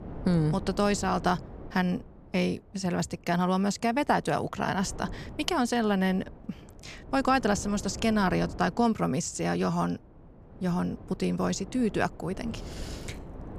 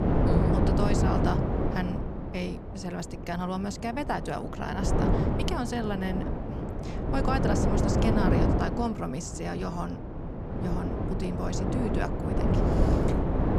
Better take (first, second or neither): first